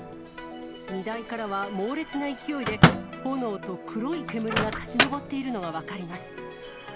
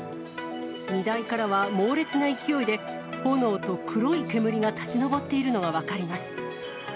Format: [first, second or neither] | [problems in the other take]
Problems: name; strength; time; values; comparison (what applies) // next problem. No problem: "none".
second | background sound (Microwave oven); 2 dB above the speech